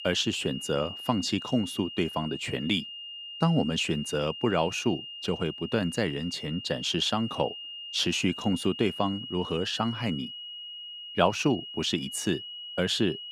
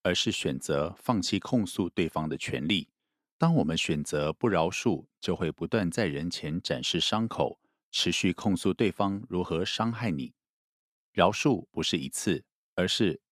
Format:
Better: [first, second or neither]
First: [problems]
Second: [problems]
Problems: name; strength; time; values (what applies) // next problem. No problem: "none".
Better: second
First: high-pitched whine; loud; throughout; 3 kHz, 9 dB below the speech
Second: none